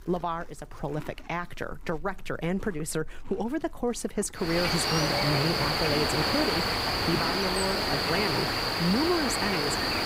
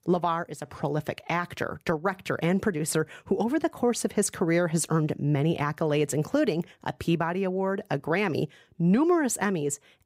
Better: second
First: animal sounds; very loud; throughout; 5 dB above the speech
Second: none

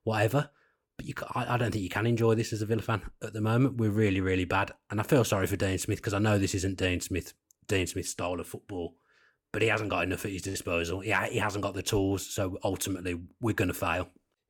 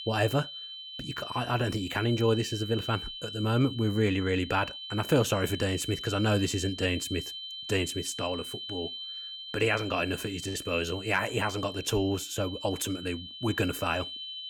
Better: first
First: none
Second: high-pitched whine; loud; throughout; 3 kHz, 9 dB below the speech

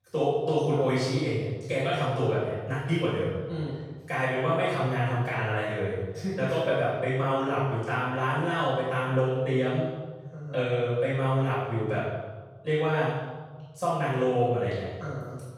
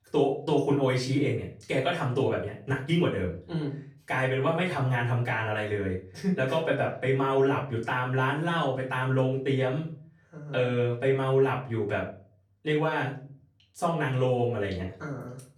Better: second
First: room echo; strong; dies away in 1.2 s // off-mic speech; far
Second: room echo; slight; dies away in 0.3 s // off-mic speech; far

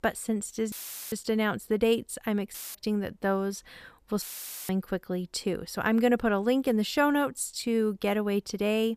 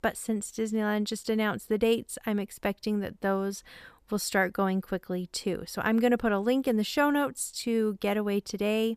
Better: second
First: audio cutting out; filled with static; at 0.5 s, at 2.5 s and at 4 s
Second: none

